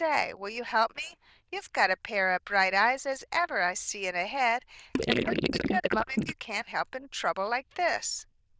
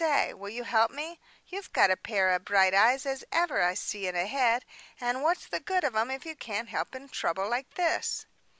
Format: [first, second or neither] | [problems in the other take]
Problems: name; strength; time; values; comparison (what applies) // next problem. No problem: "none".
second | noise reduction (neural diffusion model UNIVERSE++)